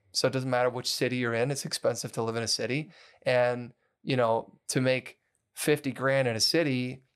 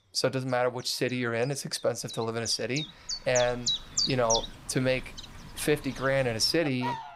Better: first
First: none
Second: animal sounds; loud; throughout; 4 dB below the speech

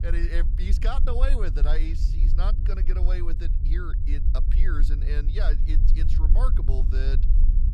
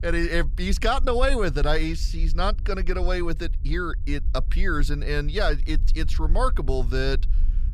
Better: second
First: low rumble; loud; throughout; 8 dB below the speech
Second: low rumble; faint; throughout; 25 dB below the speech

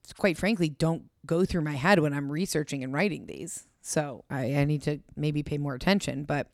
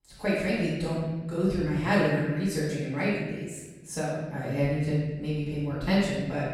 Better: first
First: none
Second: room echo; strong; dies away in 1.1 s // off-mic speech; far

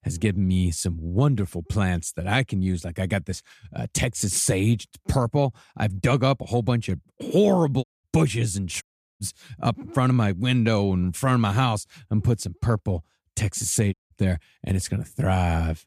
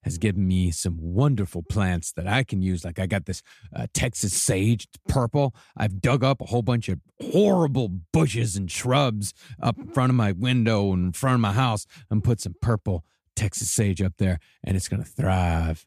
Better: second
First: audio cutting out; at 8 s, at 9 s and at 14 s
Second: none

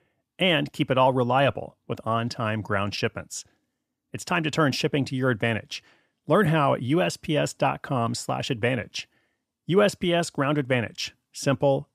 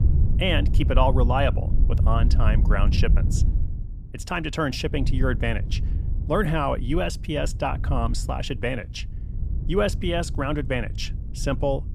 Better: first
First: none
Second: wind noise on the microphone; occasional gusts; 15 dB below the speech

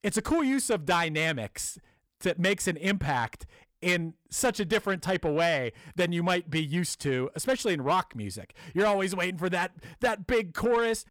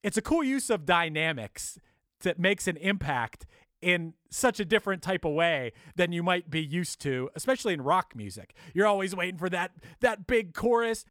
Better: second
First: distortion; slight; 10 dB below the speech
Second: none

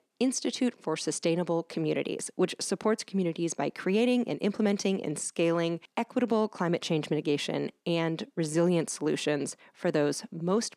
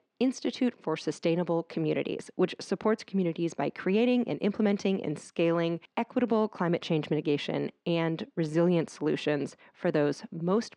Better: first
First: none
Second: muffled; slightly; fading above 3.5 kHz

